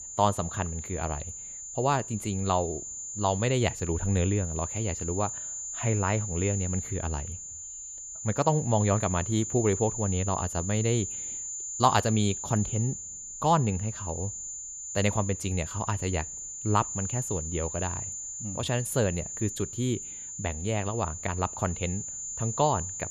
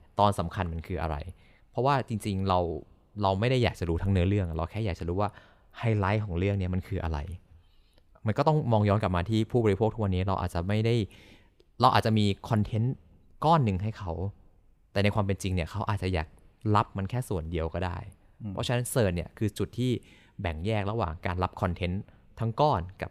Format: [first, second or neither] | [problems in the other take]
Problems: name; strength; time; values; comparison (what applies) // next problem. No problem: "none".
second | high-pitched whine; loud; throughout; 7 kHz, 6 dB below the speech